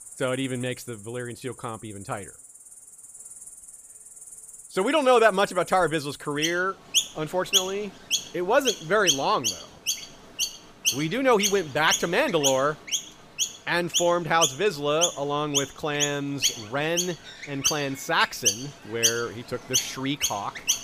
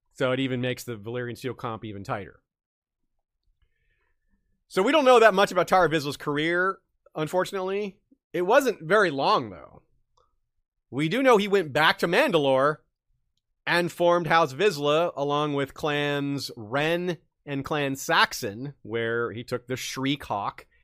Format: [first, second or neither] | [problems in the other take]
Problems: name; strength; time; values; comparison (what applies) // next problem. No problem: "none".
second | animal sounds; loud; throughout; 1 dB below the speech